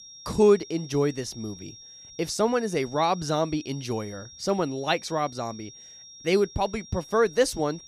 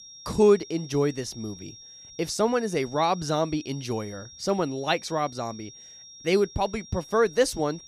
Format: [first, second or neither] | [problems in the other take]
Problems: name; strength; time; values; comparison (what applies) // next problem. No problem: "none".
neither | high-pitched whine; noticeable; throughout; 5.5 kHz, 20 dB below the speech; the same in both